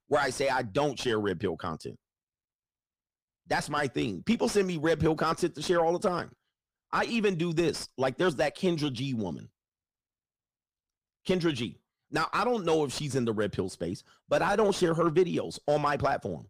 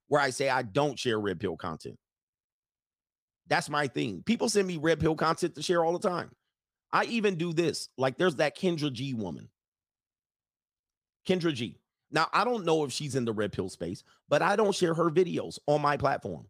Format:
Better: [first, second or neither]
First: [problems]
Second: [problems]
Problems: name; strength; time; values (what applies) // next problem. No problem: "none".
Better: second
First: distortion; slight; 10 dB below the speech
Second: none